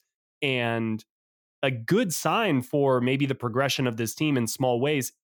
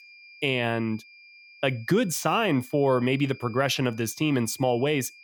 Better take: first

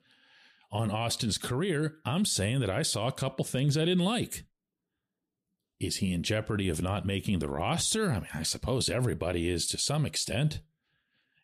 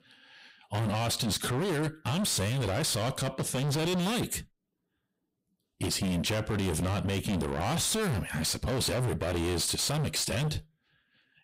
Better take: first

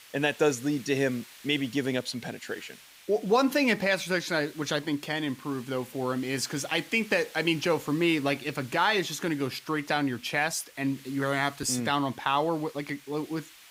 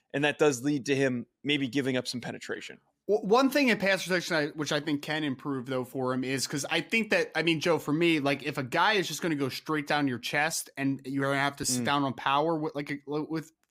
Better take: second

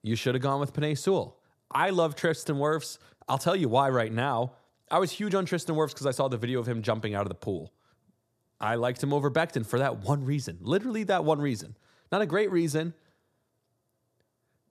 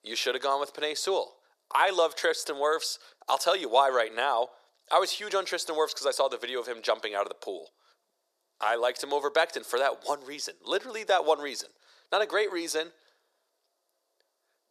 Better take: first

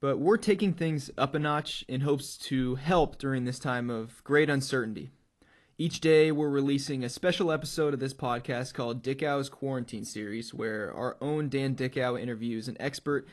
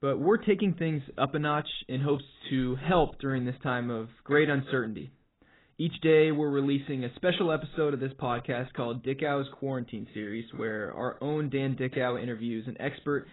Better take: first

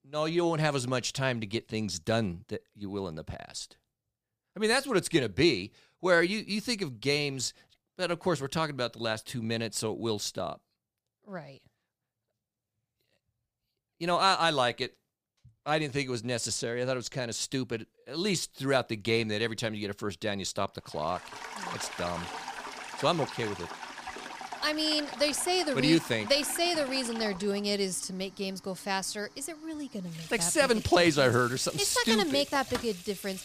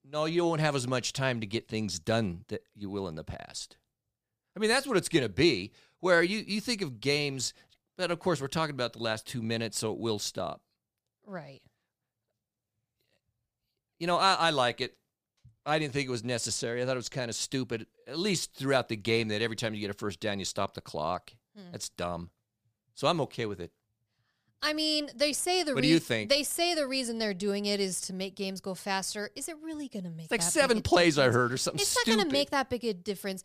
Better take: second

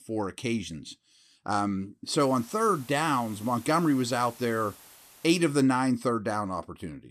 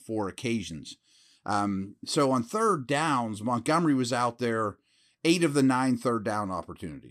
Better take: second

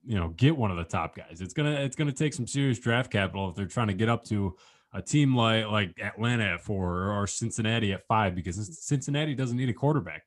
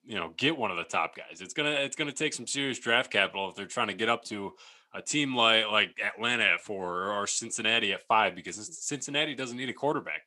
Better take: first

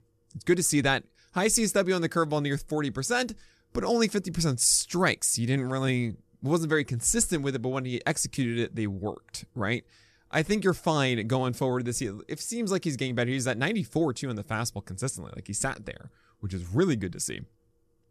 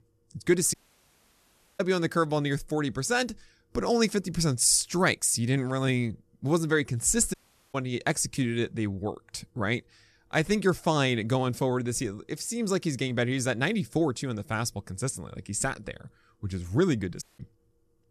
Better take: first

